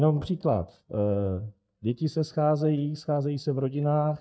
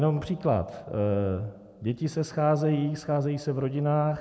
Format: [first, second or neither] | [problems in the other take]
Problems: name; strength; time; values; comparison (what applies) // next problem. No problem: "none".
second | noise reduction (neural mask model DeepFilterNet 3)